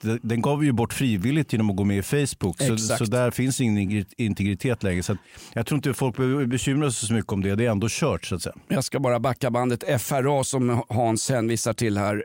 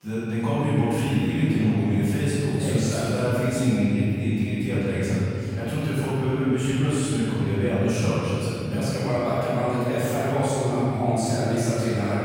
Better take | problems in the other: first | room echo; strong; dies away in 3 s // off-mic speech; far

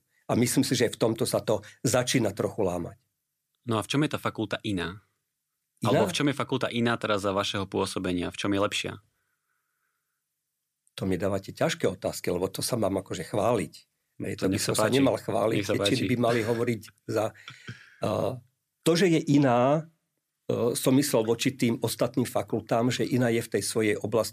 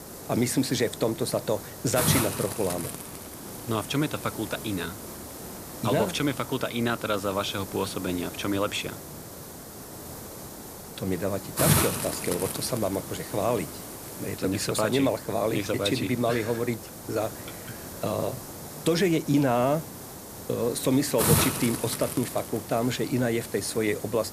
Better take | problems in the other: first | hiss; loud; throughout; 5 dB below the speech

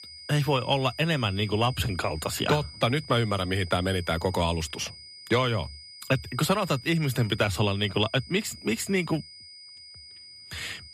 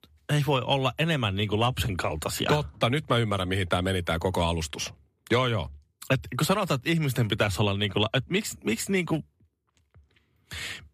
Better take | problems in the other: second | high-pitched whine; noticeable; throughout; 5 kHz, 15 dB below the speech

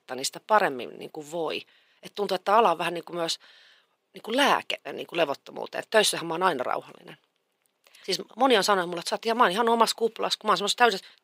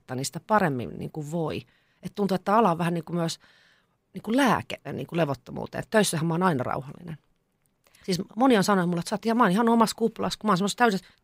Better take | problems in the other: second | thin; somewhat; fading below 450 Hz

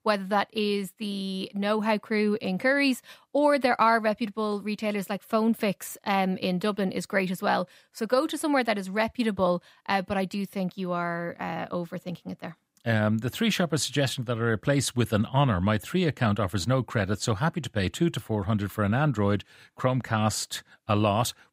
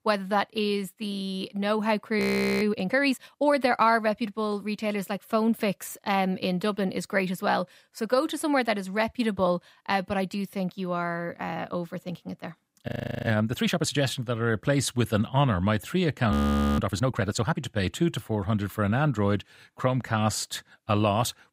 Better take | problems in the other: first | audio freezing; at 2 s, at 13 s and at 16 s

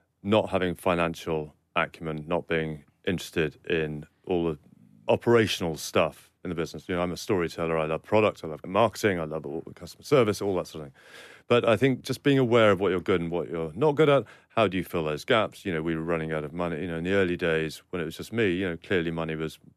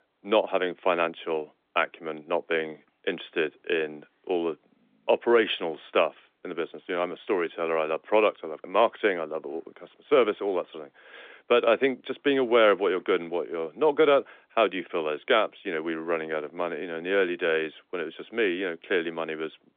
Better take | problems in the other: first | phone-call audio; nothing above 3.5 kHz

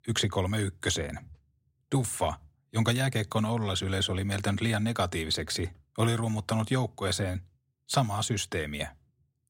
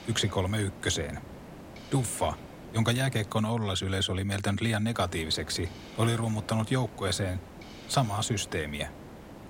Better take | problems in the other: first | hiss; noticeable; until 3.5 s and from 5 s on; 15 dB below the speech

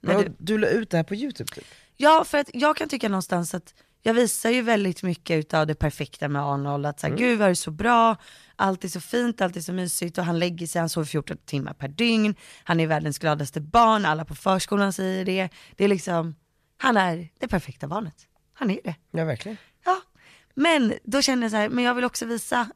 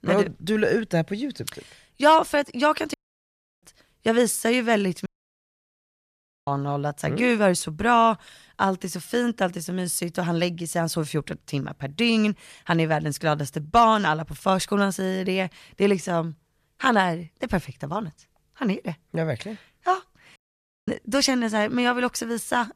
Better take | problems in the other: first | audio cutting out; at 3 s for 0.5 s, at 5 s for 1.5 s and at 20 s for 0.5 s

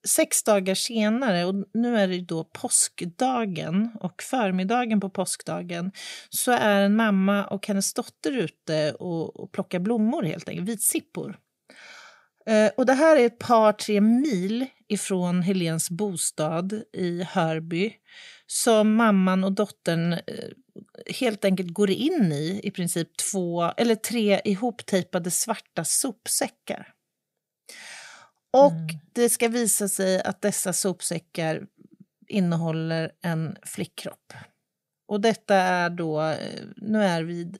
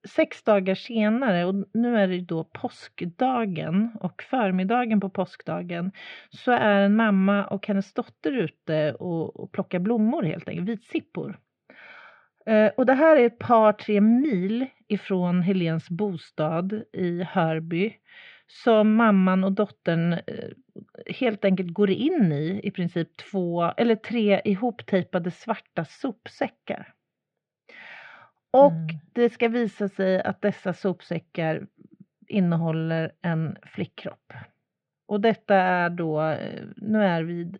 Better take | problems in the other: first | muffled; very; fading above 3 kHz

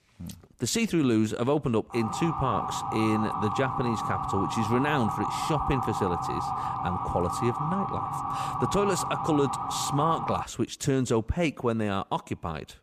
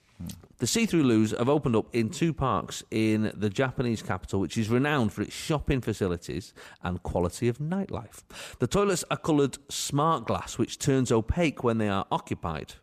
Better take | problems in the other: second | siren; noticeable; from 2 to 10 s; peak 1 dB below the speech

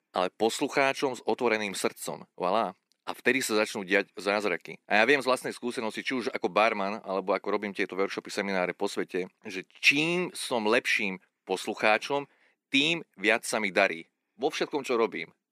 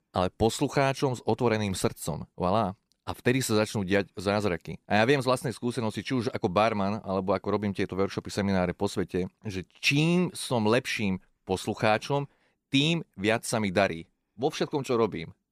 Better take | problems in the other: second | thin; very slightly; fading below 250 Hz

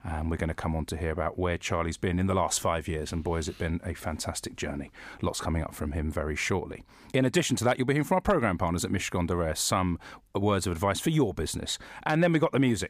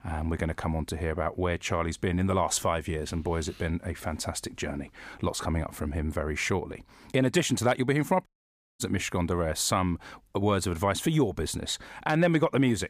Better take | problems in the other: first | audio cutting out; at 8.5 s for 0.5 s

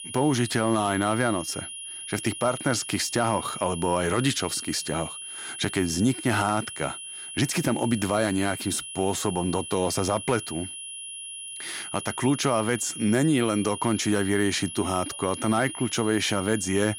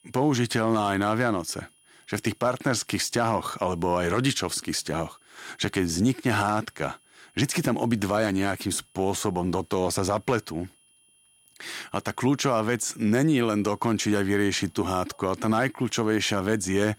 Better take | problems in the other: second | high-pitched whine; loud; throughout; 10.5 kHz, 9 dB below the speech; faint in the second

